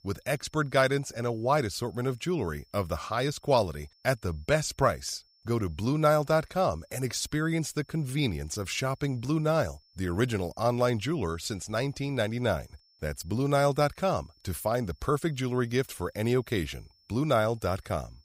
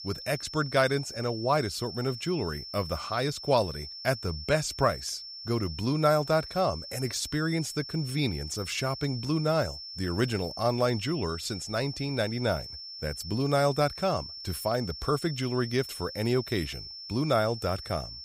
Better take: first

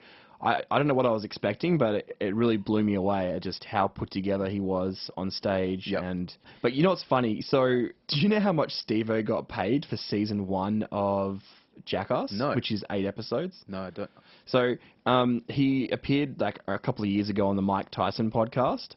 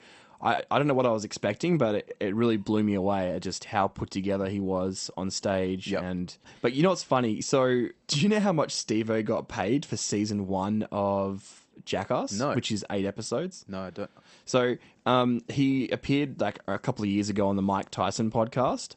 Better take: second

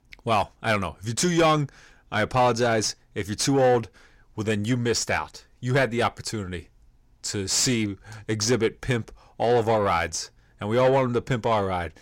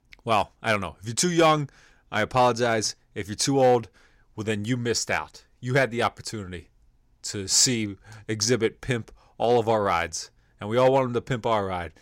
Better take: second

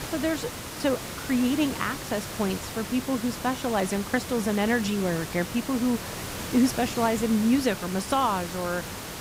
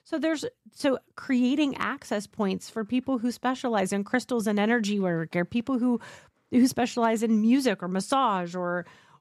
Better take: second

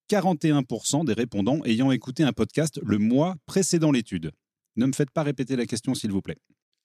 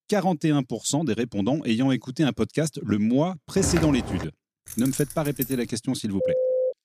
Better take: first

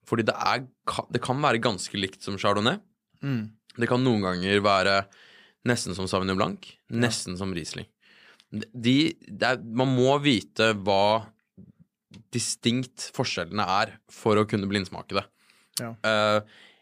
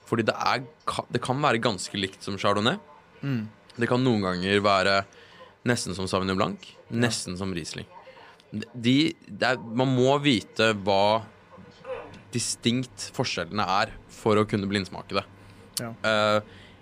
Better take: first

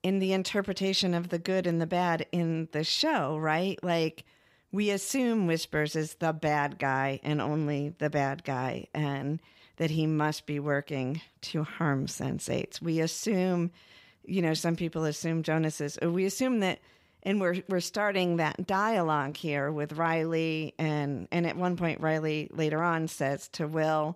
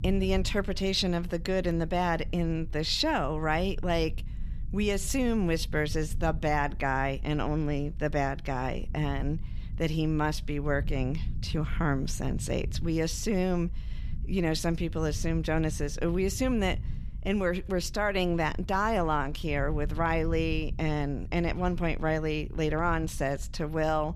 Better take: first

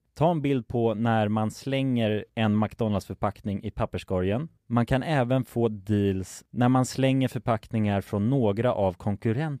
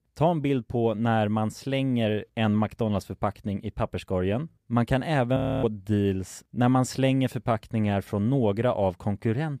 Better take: first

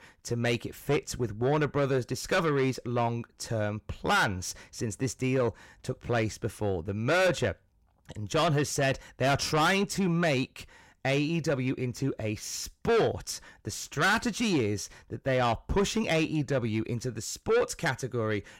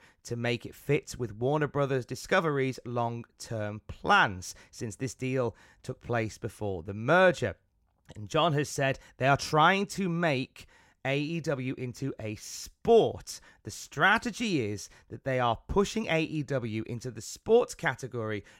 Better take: second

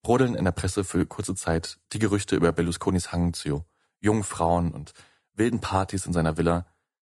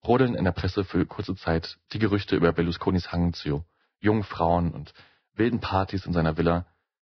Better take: first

